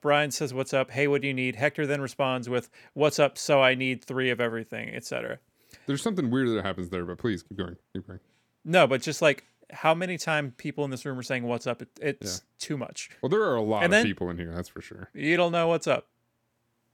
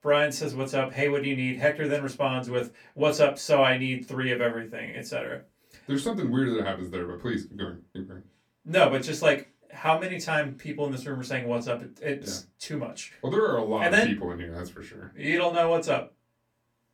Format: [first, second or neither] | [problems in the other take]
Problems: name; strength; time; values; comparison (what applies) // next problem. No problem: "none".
first | off-mic speech; far // room echo; very slight; dies away in 0.2 s